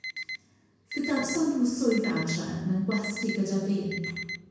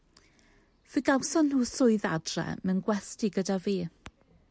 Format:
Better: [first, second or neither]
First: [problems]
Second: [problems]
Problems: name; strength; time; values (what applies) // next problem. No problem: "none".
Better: second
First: background sound (Alarm); 11 dB below the speech // room echo; dies away in 1 s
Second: none